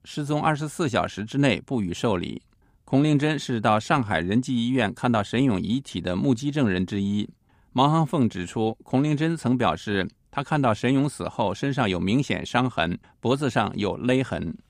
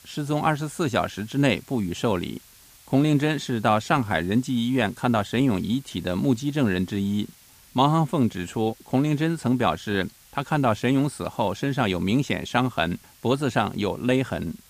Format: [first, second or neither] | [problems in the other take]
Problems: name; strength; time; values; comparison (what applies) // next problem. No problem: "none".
first | hiss; faint; throughout; 25 dB below the speech